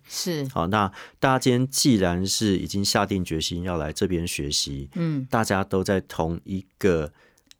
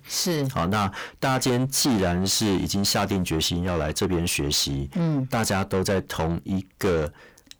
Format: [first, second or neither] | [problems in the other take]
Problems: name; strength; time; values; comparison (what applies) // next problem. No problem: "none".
first | distortion; heavy; 6 dB below the speech